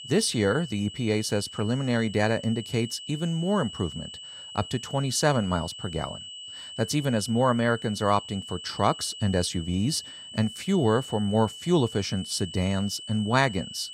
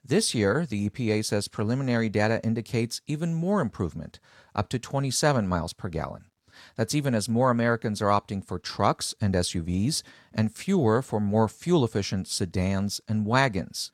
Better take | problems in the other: second | high-pitched whine; noticeable; throughout; 3 kHz, 10 dB below the speech

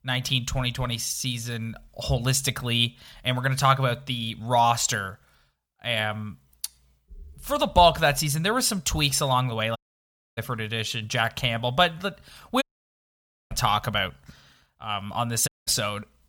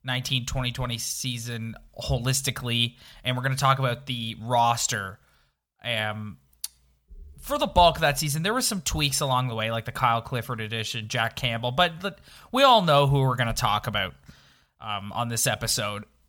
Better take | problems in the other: second | audio cutting out; at 10 s for 0.5 s, at 13 s for 1 s and at 15 s

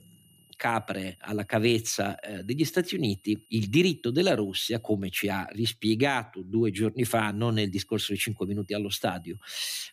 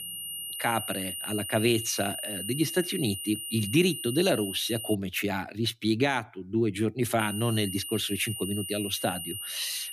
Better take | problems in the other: first | high-pitched whine; loud; until 5 s and from 7 s on; 3 kHz, 5 dB below the speech; faint in the first

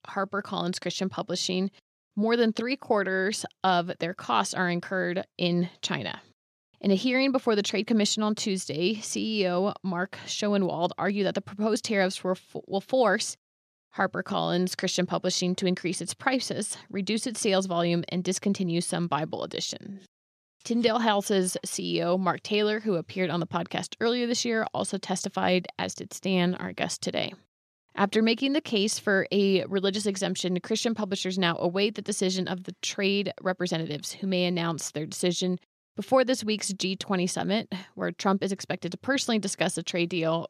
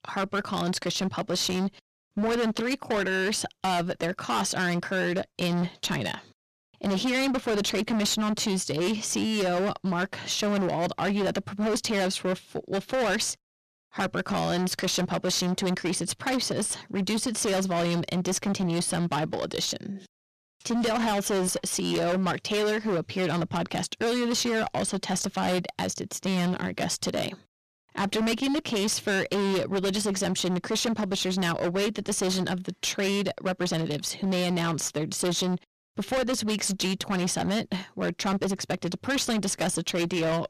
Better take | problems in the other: first | distortion; heavy; 25% of the sound clipped

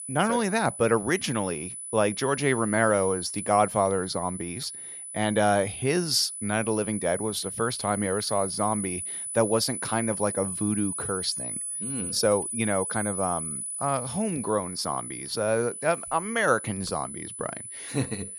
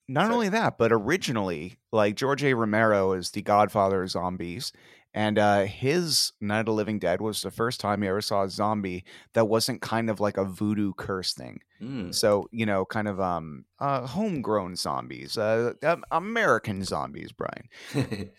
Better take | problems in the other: second | high-pitched whine; loud; throughout; 10 kHz, 6 dB below the speech

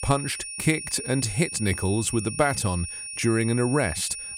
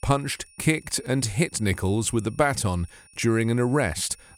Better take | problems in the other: second | high-pitched whine; loud; throughout; 9.5 kHz, 7 dB below the speech; faint in the second

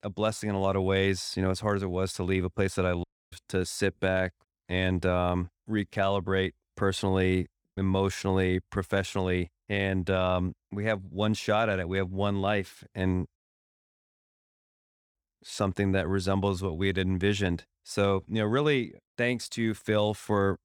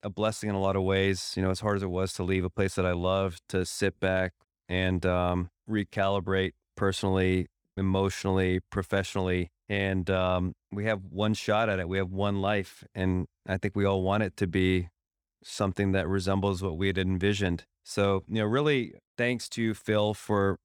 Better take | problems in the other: second | audio cutting out; at 3 s and at 13 s for 2 s

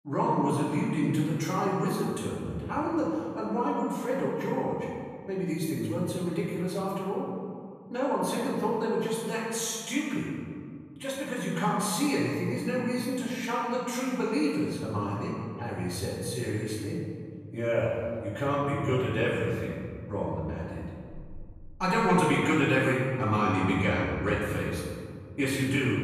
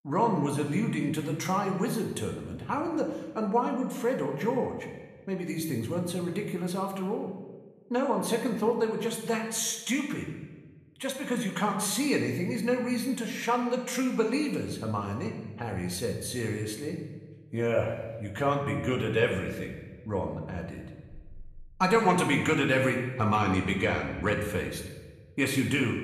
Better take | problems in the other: second | room echo; strong; dies away in 1.9 s; slight in the second // off-mic speech; far; somewhat distant in the second

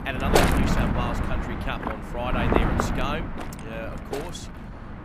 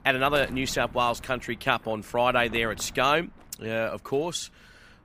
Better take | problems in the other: second | wind noise on the microphone; heavy; 4 dB above the speech; occasional gusts in the second

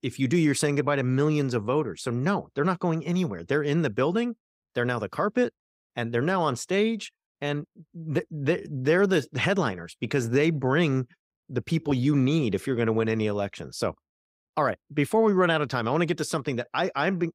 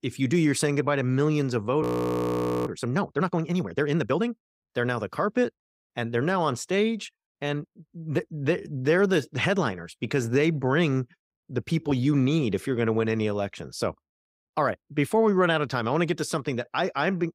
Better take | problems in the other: first | audio freezing; at 2 s for 1 s

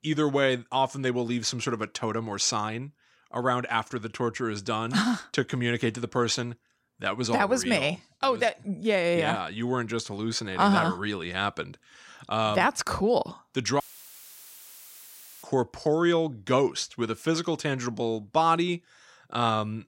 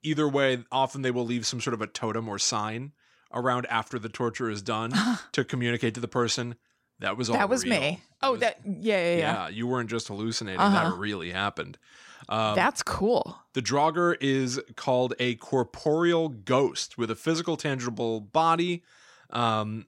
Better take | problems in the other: second | audio cutting out; filled with static; at 14 s for 1.5 s

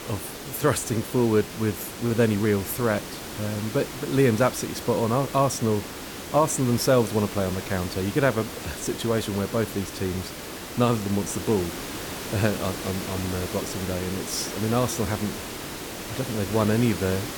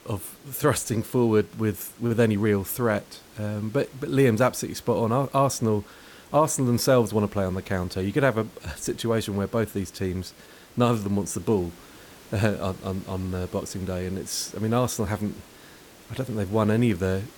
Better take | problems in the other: second | hiss; loud; throughout; 8 dB below the speech; faint in the second

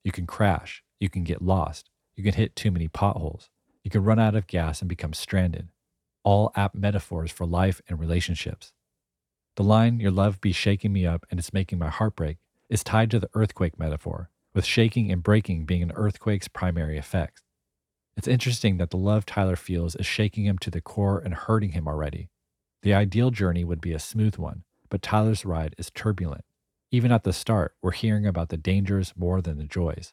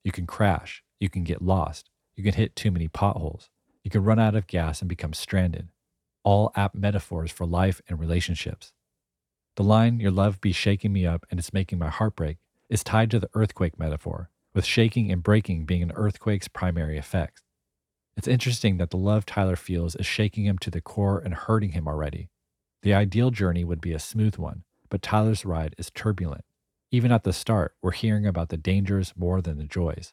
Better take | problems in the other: neither | none

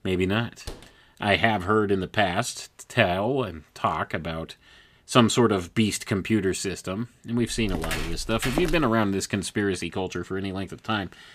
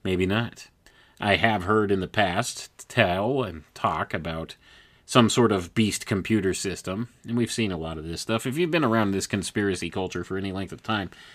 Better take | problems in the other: second | door banging; faint; at 0.5 s; peak 15 dB below the speech // footsteps; noticeable; from 7.5 to 9 s; peak 4 dB below the speech

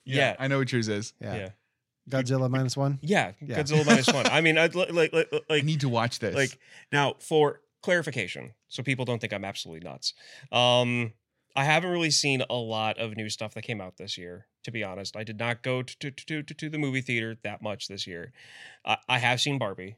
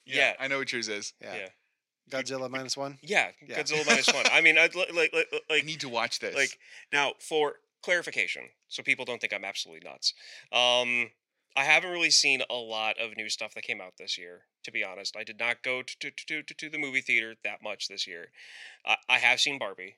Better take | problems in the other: first | thin; somewhat; fading below 350 Hz

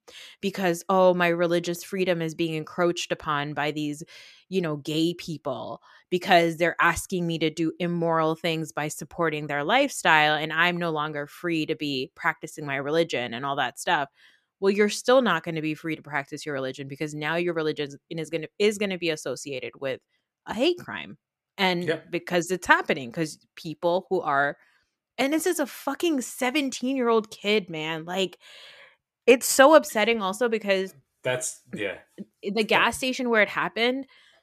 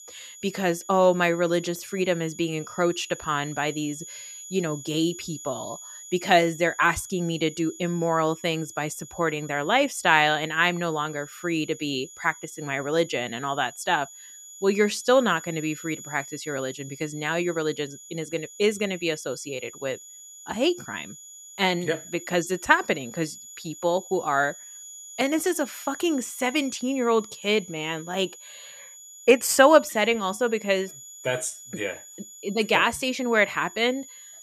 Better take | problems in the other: first | high-pitched whine; noticeable; throughout; 7 kHz, 15 dB below the speech

